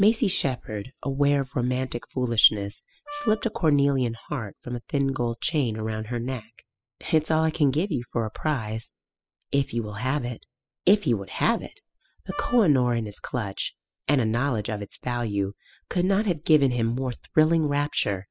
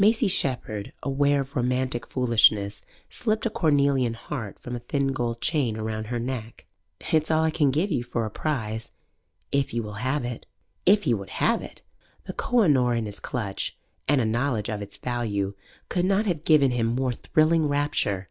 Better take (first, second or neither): second